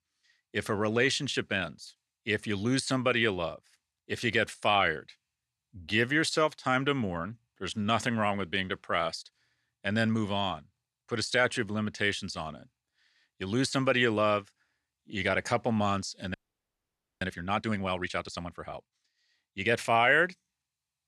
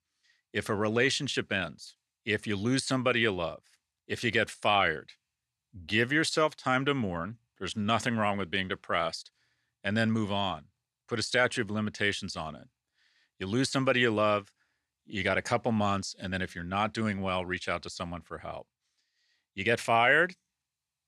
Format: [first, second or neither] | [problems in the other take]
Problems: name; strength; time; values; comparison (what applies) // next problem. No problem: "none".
second | audio freezing; at 16 s for 1 s